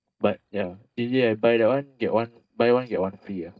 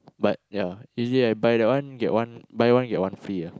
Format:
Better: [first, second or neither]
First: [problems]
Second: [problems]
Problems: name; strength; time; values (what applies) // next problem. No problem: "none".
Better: second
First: noise reduction (neural mask model DeepFilterNet 3)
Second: none